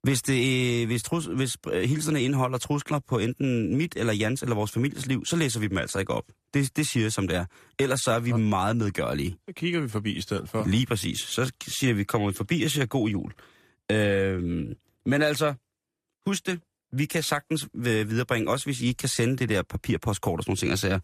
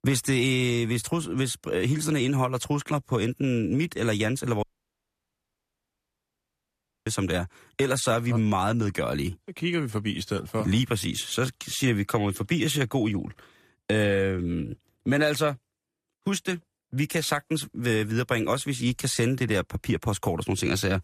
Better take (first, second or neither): first